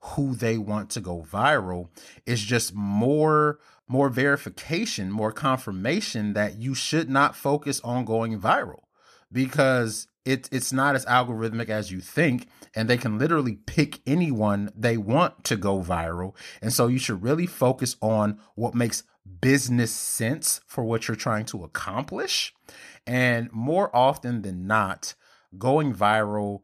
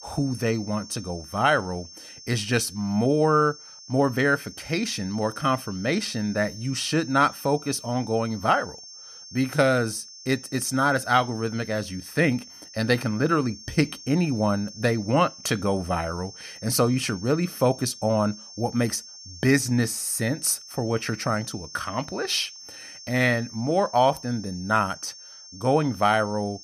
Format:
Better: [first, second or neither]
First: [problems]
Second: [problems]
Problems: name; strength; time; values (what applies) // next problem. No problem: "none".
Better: first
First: none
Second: high-pitched whine; noticeable; throughout; 5.5 kHz, 15 dB below the speech